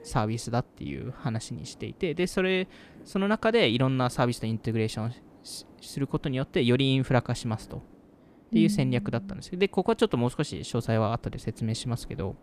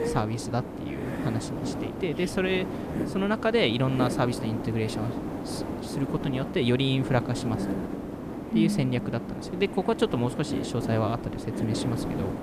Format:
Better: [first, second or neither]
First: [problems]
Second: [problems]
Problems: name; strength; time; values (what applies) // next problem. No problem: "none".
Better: first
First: hiss; faint; throughout; 25 dB below the speech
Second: hiss; loud; throughout; 5 dB below the speech